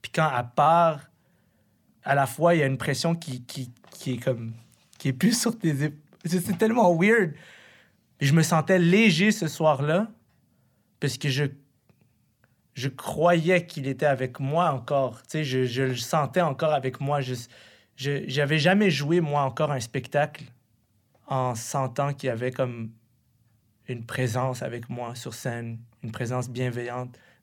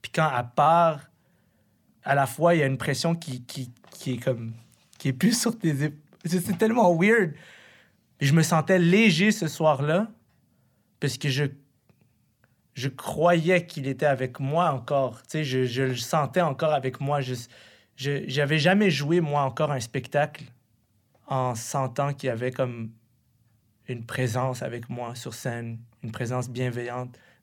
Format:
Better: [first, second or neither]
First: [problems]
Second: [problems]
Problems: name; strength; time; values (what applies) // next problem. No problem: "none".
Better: neither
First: none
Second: none